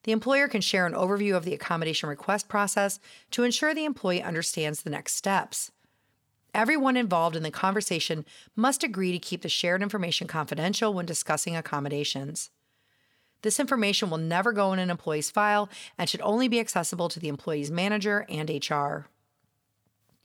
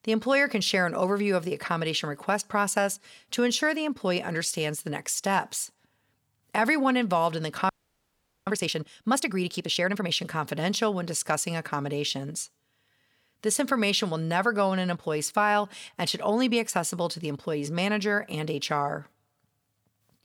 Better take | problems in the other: first | audio freezing; at 7.5 s for 1 s

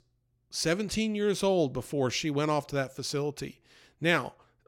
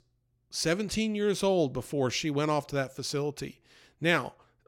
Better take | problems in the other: neither | none

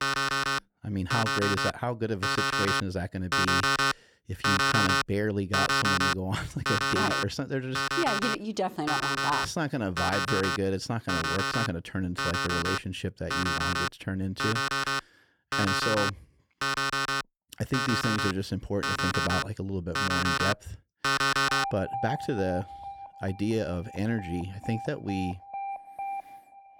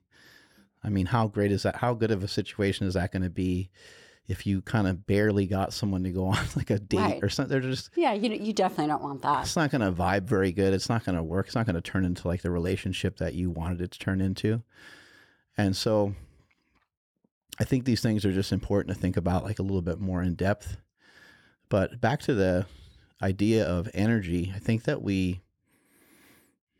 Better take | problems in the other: second | alarms or sirens; very loud; throughout; 3 dB above the speech

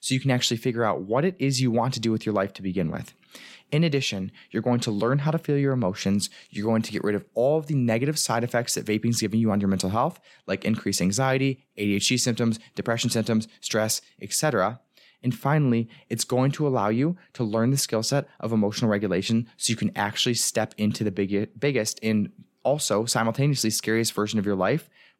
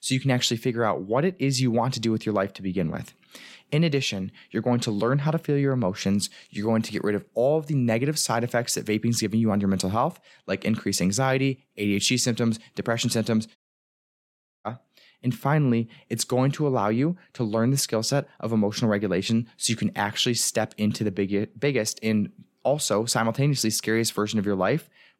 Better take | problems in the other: first | audio cutting out; at 14 s for 1 s

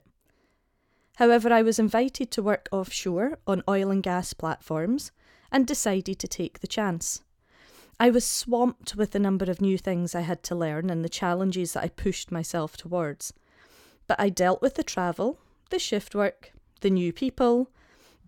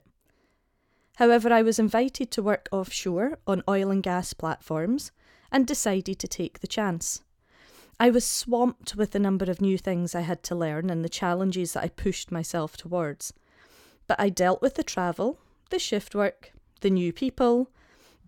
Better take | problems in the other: neither | none

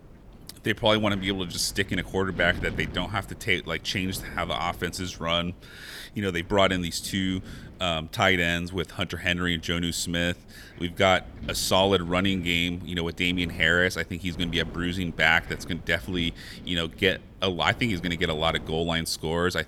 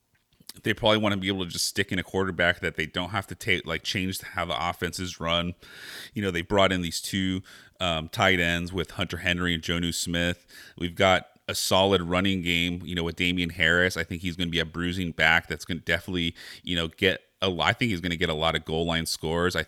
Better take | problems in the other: second | wind noise on the microphone; occasional gusts; 25 dB below the speech

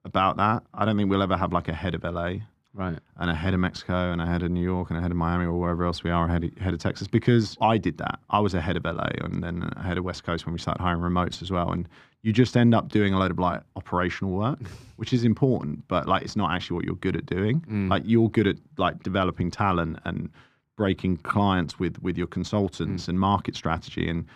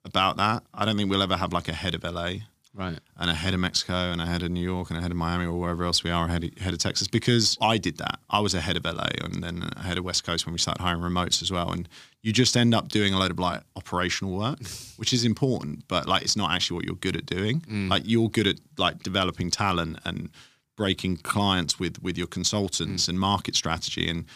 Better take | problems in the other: second | muffled; very; fading above 3 kHz

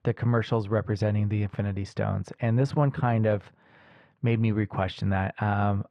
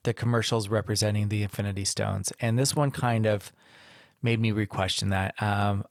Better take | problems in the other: second | muffled; very; fading above 2 kHz

